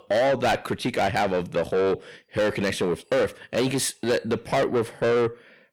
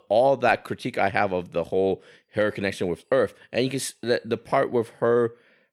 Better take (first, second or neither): second